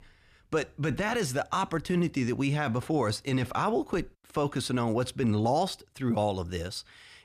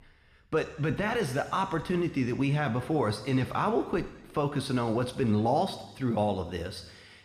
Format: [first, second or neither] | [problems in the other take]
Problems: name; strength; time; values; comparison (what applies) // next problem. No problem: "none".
first | room echo; slight; dies away in 1.3 s